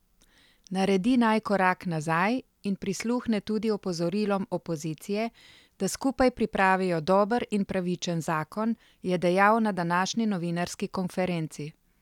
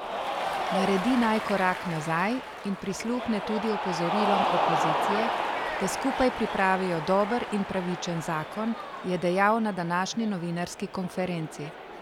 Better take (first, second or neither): first